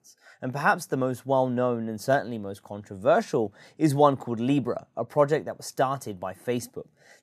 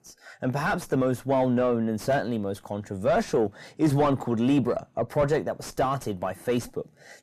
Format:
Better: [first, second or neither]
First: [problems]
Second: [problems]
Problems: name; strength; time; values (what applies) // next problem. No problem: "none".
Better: first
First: none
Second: distortion; heavy; 6 dB below the speech